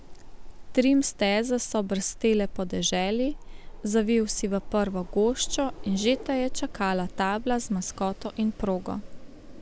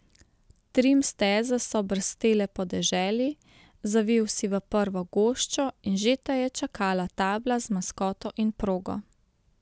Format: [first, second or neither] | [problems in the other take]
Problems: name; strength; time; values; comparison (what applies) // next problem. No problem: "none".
second | background sound (Wind); 10 dB below the speech